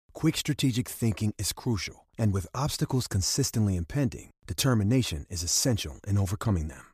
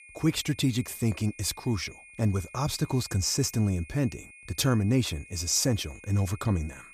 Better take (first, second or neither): first